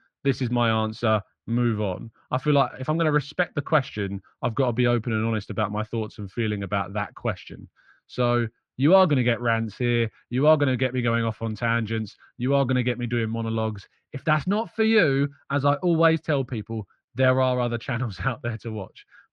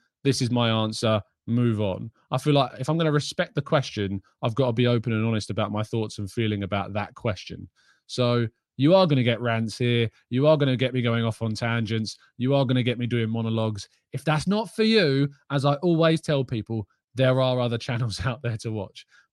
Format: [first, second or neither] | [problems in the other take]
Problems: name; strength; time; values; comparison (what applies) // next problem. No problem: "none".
second | muffled; slightly; fading above 2.5 kHz